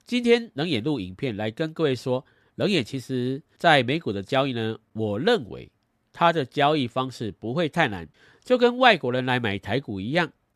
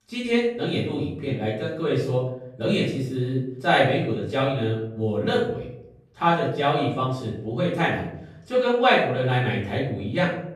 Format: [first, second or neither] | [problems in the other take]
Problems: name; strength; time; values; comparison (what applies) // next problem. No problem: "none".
first | off-mic speech; far // room echo; noticeable; dies away in 0.7 s